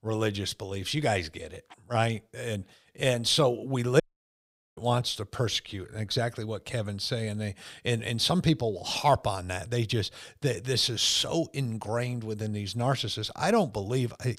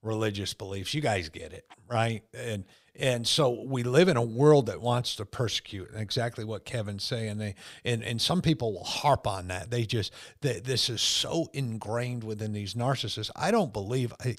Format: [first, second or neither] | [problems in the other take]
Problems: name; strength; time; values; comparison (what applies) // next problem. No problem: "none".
second | audio cutting out; at 4 s for 1 s